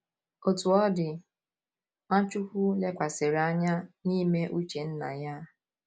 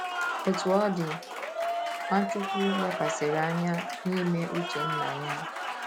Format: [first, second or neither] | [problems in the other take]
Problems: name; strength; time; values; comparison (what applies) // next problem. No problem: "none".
first | background sound (Applause); 3 dB below the speech